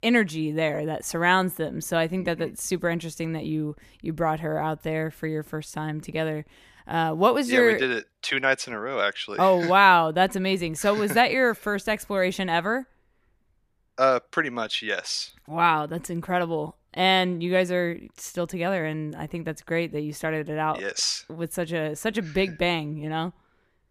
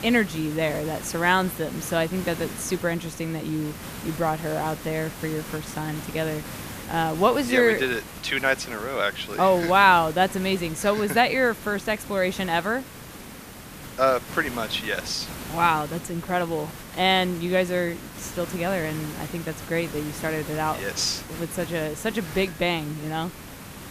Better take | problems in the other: first | hiss; noticeable; throughout; 10 dB below the speech

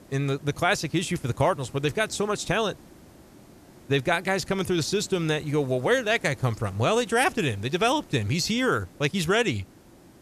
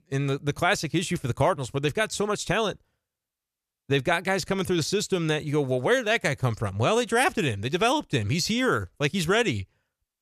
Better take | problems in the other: second | hiss; faint; throughout; 25 dB below the speech

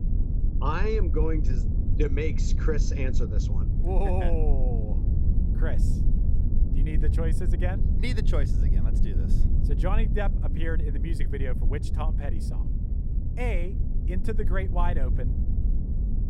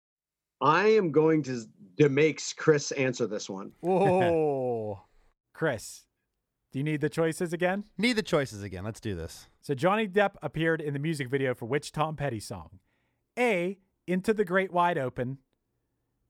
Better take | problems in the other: second | low rumble; loud; throughout; 8 dB below the speech

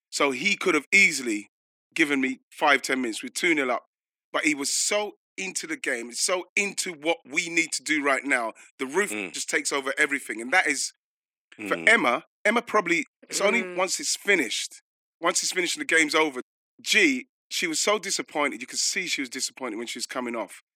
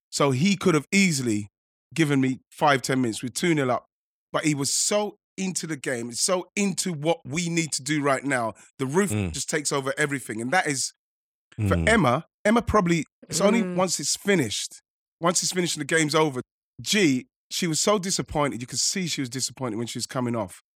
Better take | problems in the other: second | thin; very slightly; fading below 300 Hz

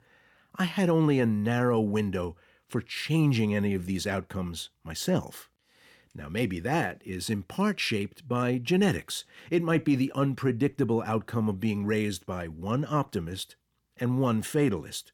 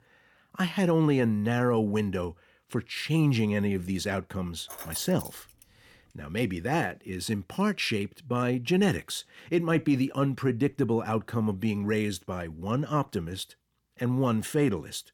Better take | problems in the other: first | jangling keys; noticeable; at 4.5 s; peak 8 dB below the speech

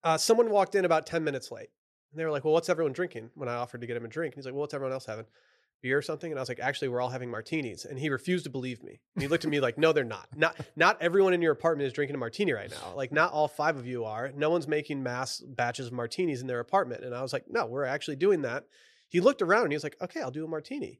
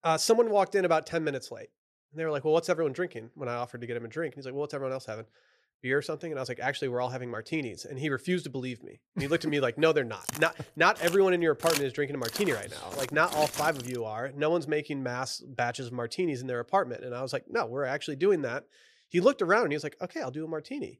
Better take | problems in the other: first | footsteps; noticeable; from 10 to 14 s; peak 2 dB below the speech

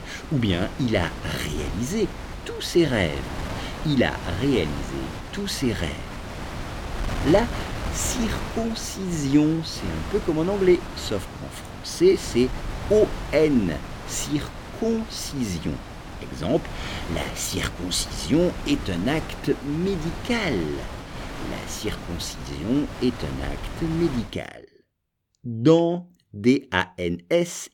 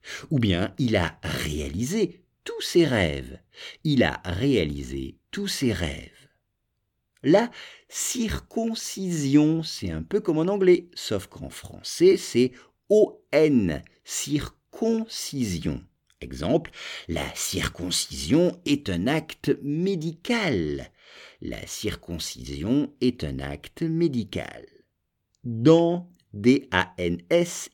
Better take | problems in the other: second | wind noise on the microphone; heavy; until 24 s; 10 dB below the speech

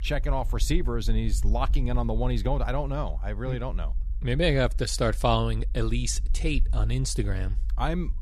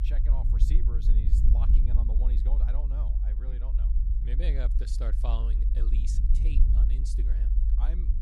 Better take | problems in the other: first | low rumble; loud; throughout; 2 dB below the speech; faint in the first

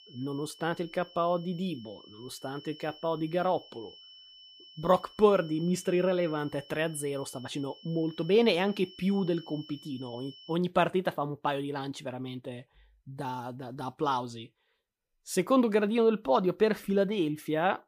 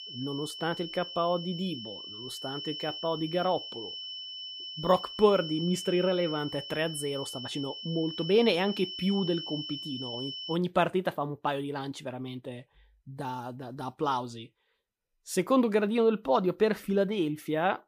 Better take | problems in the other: first | high-pitched whine; loud; until 11 s; 3 kHz, 8 dB below the speech; faint in the first

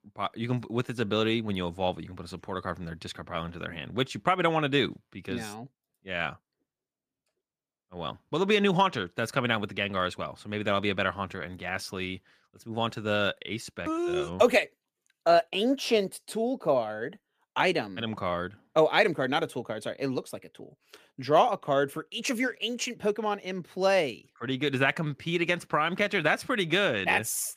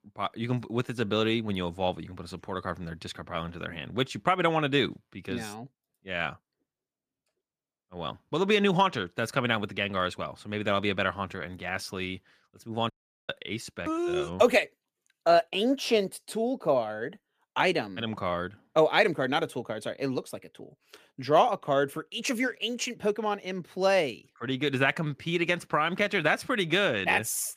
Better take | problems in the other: first | audio cutting out; at 13 s

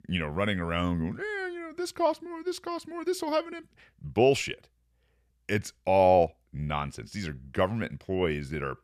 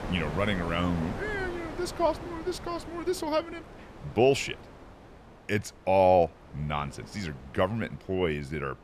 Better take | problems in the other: first | wind noise on the microphone; occasional gusts; 15 dB below the speech

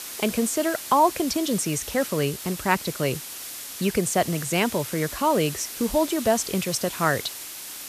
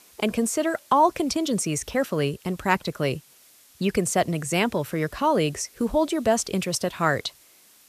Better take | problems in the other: second | hiss; loud; throughout; 9 dB below the speech; faint in the second

